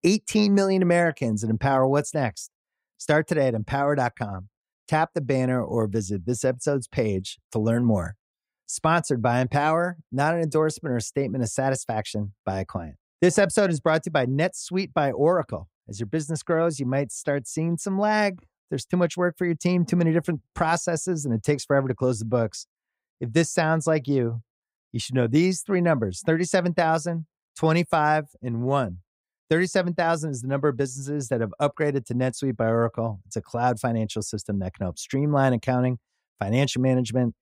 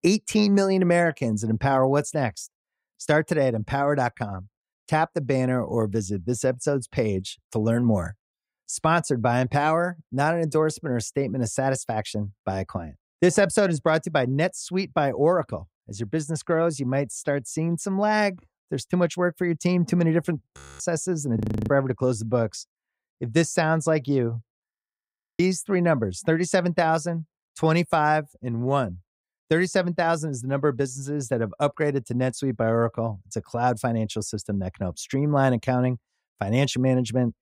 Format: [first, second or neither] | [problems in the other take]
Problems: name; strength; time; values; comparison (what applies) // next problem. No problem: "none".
first | audio freezing; at 21 s and at 25 s for 0.5 s